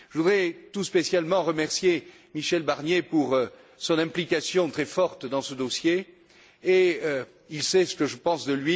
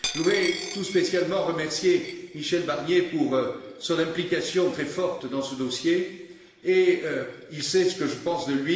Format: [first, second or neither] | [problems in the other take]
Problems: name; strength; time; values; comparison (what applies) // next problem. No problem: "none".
first | background sound (Coin (dropping)); 16 dB below the speech // room echo; dies away in 1.3 s